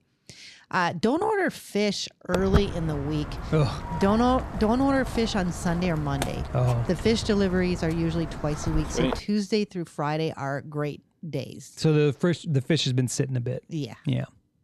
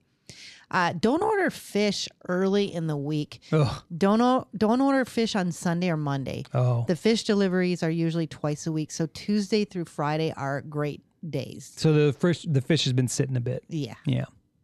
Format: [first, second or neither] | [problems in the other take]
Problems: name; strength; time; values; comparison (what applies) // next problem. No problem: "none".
second | footsteps; loud; from 2.5 to 9 s; peak level with the speech